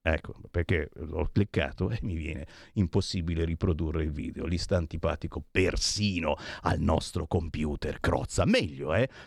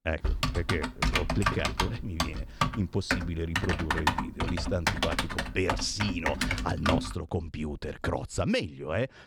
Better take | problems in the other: first | keyboard typing; loud; until 7 s; peak 5 dB above the speech

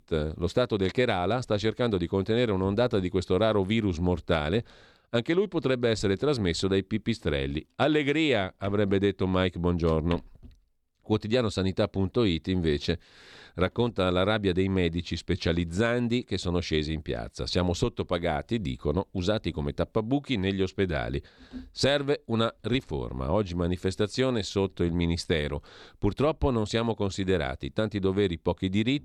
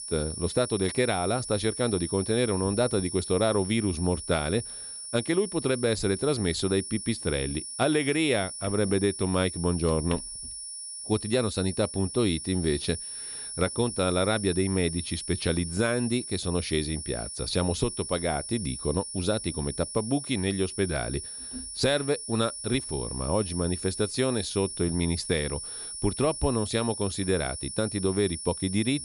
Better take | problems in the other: first | high-pitched whine; loud; throughout; 10 kHz, 7 dB below the speech

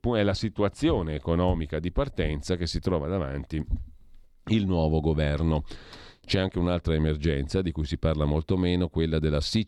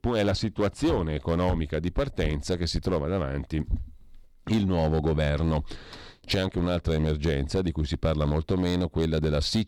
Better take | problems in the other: first | distortion; slight; 8% of the sound clipped

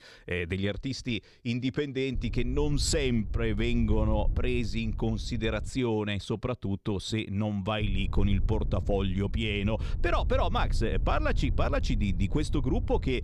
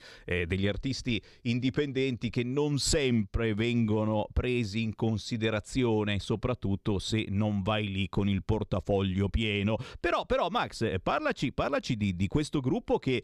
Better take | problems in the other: second | wind noise on the microphone; occasional gusts; from 2 to 5.5 s and from 8 s on; 20 dB below the speech

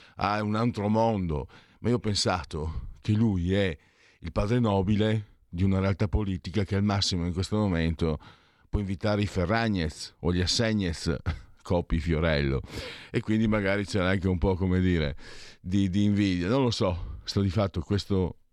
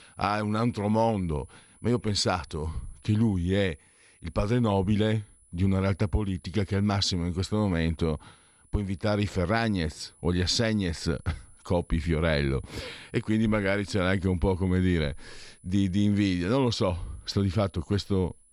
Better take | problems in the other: first | high-pitched whine; faint; throughout; 10 kHz, 30 dB below the speech

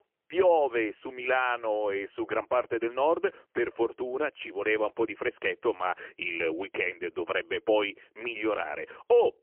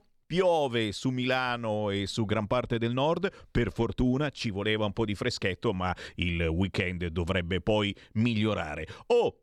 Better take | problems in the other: second | phone-call audio; poor line; nothing above 3 kHz

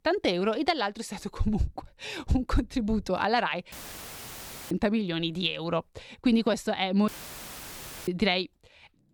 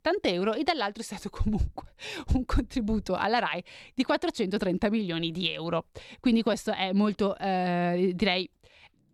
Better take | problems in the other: second | audio cutting out; filled with static; at 3.5 s for 1 s and at 7 s for 1 s

